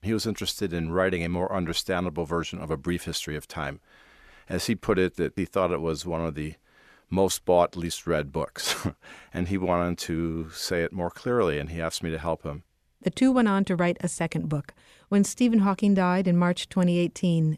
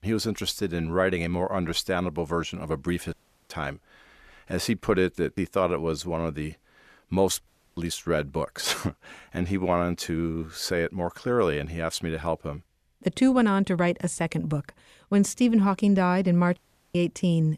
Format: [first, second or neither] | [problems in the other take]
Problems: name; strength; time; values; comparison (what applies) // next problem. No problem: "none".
first | audio cutting out; at 3 s, at 7.5 s and at 17 s